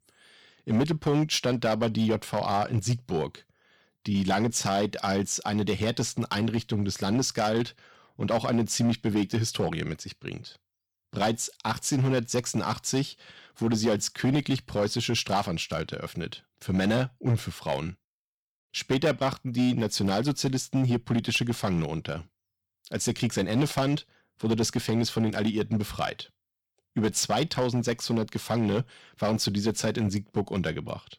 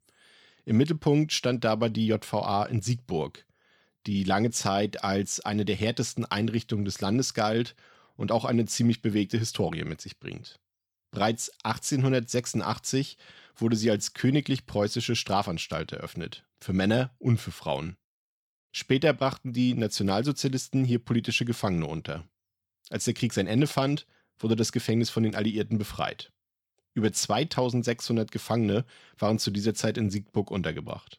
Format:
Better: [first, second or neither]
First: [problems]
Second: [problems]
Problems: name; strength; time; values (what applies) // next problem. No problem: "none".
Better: second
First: distortion; slight; 5% of the sound clipped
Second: none